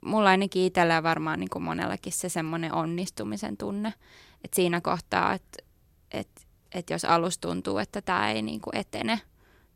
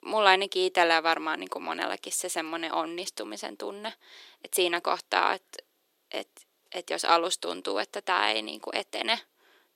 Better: first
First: none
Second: thin; very; fading below 350 Hz

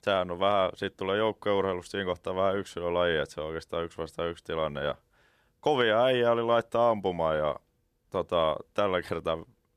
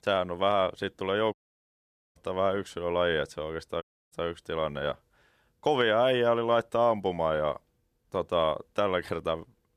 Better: first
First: none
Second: audio cutting out; at 1.5 s for 1 s and at 4 s

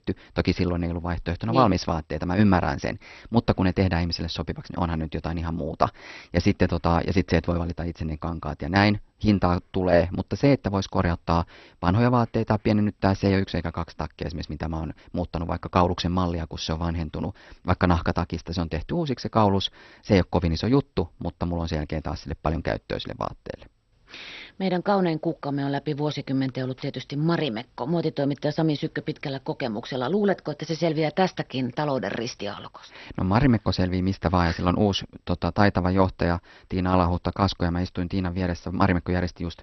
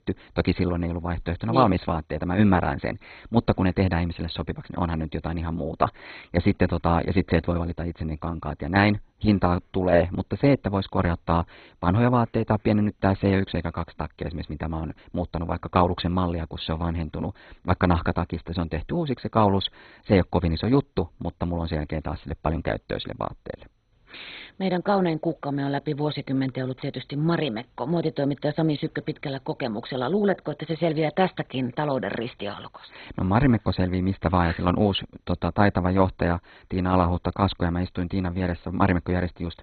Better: first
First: garbled, watery; slightly; nothing above 6 kHz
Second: garbled, watery; badly; nothing above 4 kHz

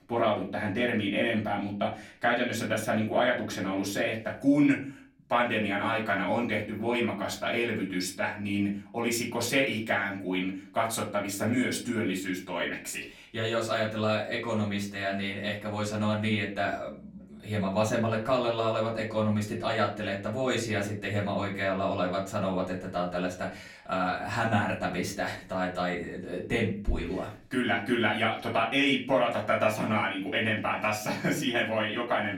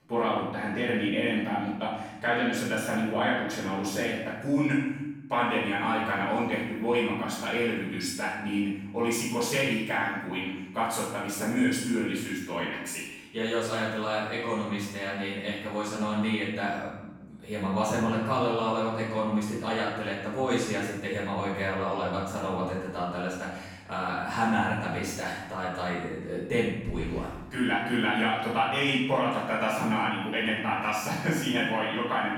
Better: first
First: room echo; slight; dies away in 0.4 s // off-mic speech; far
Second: room echo; strong; dies away in 0.9 s // off-mic speech; far

